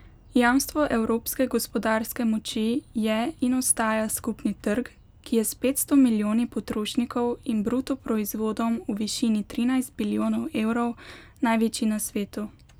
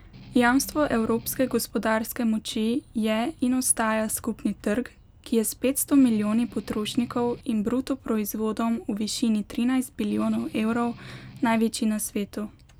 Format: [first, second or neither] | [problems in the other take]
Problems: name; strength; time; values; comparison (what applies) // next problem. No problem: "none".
first | background sound (Strum); 19 dB below the speech